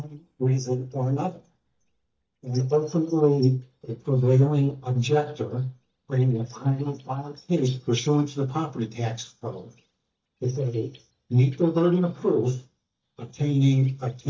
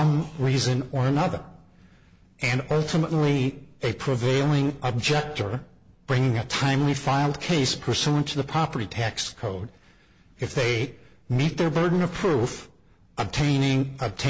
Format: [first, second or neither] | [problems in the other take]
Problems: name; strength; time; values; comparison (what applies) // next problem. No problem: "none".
second | noise reduction (neural mask model DeepFilterNet 3)